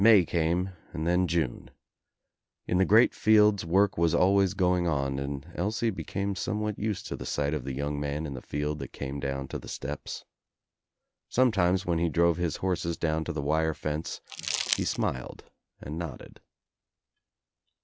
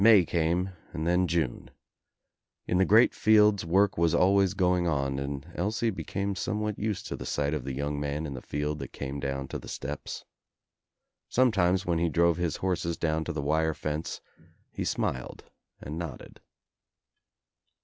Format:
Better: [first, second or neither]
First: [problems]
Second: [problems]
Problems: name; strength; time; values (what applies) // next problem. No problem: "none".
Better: second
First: background sound (Crumpling, crinkling); 5 dB below the speech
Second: none